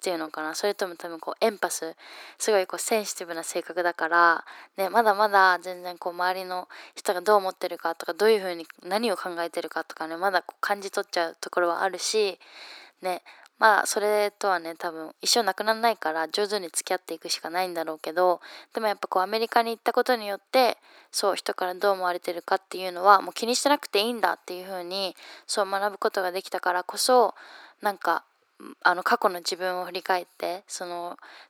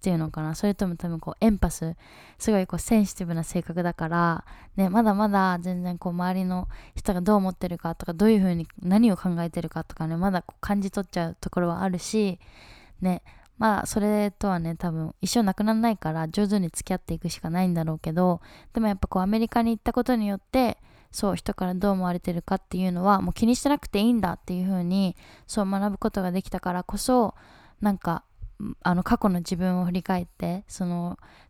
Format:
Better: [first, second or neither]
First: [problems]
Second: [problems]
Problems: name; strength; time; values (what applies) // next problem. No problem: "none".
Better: second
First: thin; very; fading below 350 Hz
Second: none